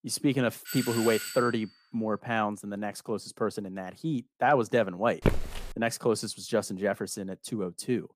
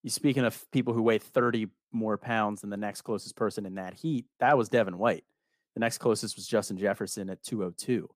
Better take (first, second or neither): second